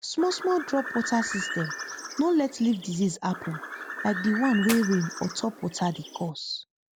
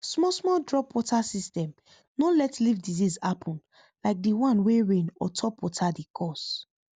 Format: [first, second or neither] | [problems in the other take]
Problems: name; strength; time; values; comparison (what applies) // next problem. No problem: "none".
second | background sound (Clapping + Bird); 9 dB below the speech